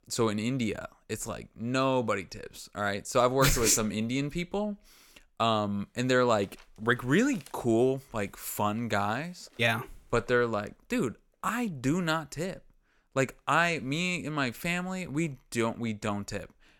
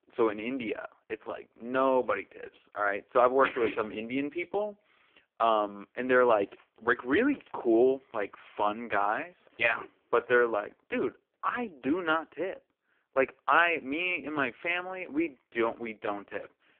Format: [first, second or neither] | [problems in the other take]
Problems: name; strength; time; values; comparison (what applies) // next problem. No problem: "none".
first | phone-call audio; poor line